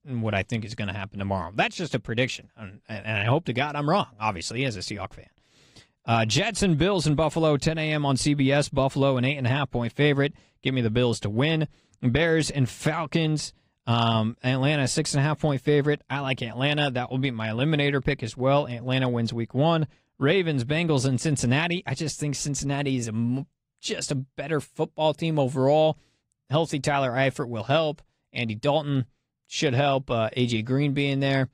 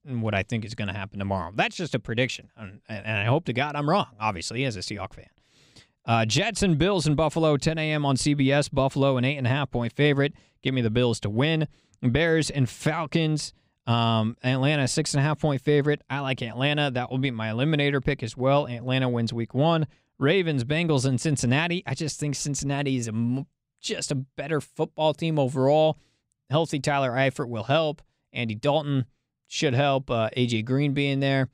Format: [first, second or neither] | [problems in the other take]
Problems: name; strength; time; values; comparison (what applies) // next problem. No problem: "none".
second | garbled, watery; slightly; nothing above 15.5 kHz